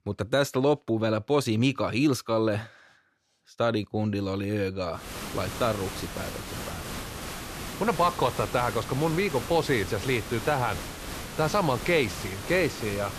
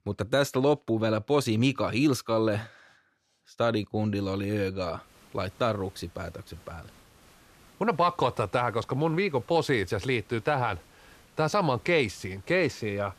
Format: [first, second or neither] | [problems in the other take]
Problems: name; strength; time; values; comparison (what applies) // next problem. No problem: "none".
second | hiss; loud; from 5 s on; 9 dB below the speech; faint in the second